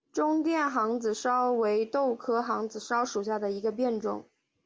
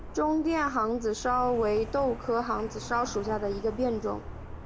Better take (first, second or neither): first